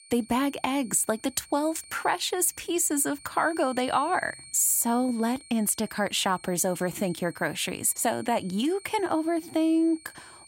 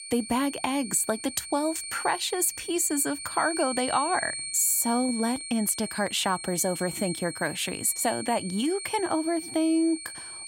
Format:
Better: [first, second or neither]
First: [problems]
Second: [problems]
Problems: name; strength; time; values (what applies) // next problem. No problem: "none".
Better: first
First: high-pitched whine; faint; throughout; 8.5 kHz, 20 dB below the speech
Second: high-pitched whine; loud; throughout; 8.5 kHz, 8 dB below the speech